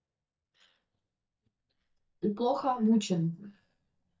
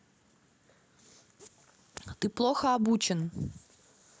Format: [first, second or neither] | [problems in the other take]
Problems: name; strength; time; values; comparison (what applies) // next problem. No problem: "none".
second | noise reduction (neural mask model DeepFilterNet 3)